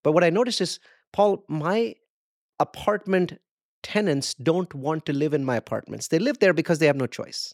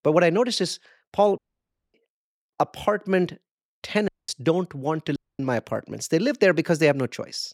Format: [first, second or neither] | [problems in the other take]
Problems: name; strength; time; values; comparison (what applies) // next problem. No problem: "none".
first | audio cutting out; at 1.5 s for 0.5 s, at 4 s and at 5 s